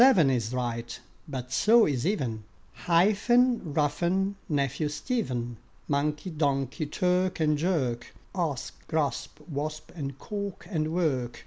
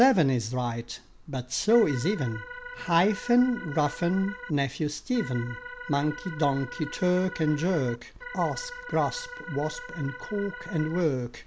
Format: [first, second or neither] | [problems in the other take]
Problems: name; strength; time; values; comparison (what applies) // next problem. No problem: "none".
first | background sound (Organ); 13 dB below the speech